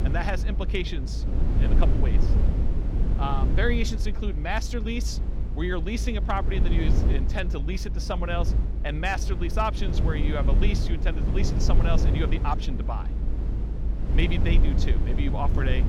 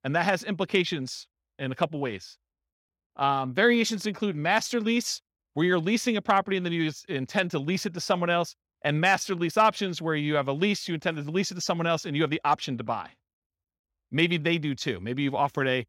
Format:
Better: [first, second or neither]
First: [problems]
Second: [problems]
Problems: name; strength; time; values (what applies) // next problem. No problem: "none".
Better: second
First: low rumble; loud; throughout; 8 dB below the speech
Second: none